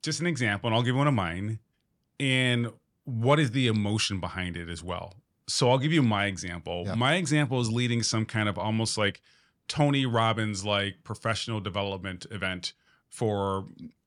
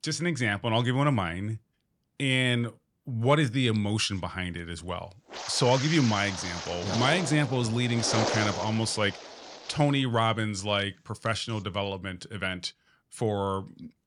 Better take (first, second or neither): first